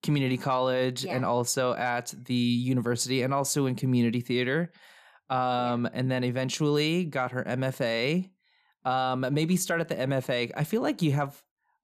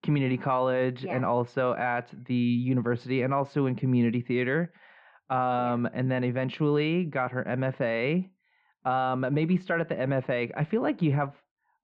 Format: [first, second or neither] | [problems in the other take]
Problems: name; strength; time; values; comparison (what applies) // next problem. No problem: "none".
first | muffled; very; fading above 2.5 kHz